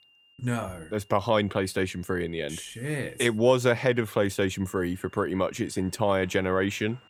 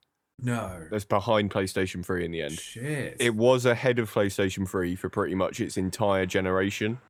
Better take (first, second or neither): second